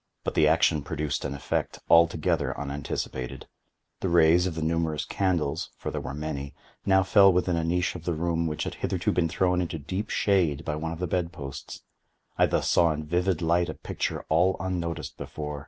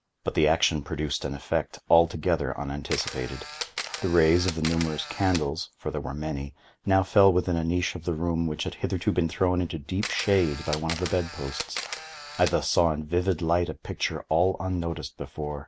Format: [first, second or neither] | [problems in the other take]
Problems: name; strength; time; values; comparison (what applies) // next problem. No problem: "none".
first | background sound (Camera); 10 dB below the speech